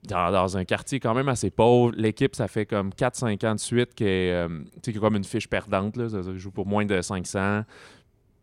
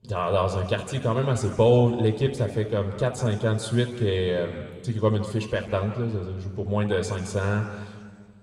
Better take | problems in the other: first | room echo; slight; dies away in 1.8 s

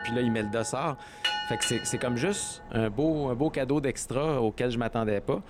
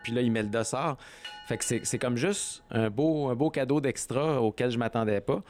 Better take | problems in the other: second | train or aircraft noise; loud; throughout; 7 dB below the speech; faint in the second

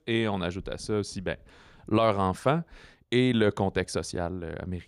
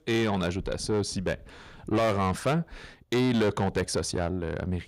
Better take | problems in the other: first | distortion; heavy; 8 dB below the speech

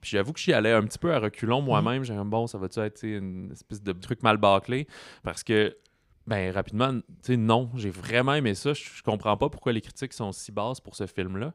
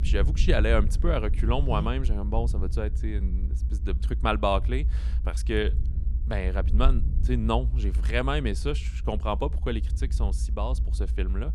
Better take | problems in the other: first | low rumble; noticeable; throughout; 15 dB below the speech

